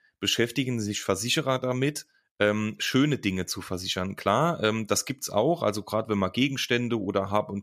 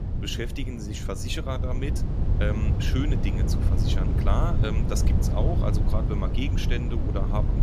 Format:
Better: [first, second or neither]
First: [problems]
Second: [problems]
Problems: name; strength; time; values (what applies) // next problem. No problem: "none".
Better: first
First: none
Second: low rumble; loud; throughout; 4 dB below the speech